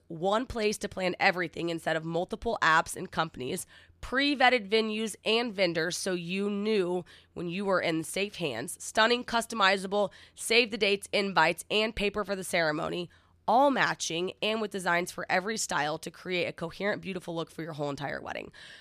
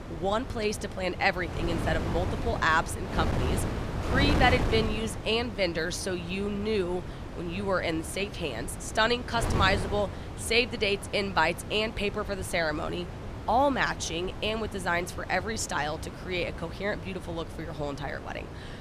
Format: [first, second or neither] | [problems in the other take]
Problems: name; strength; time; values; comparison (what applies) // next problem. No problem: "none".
first | wind noise on the microphone; occasional gusts; 10 dB below the speech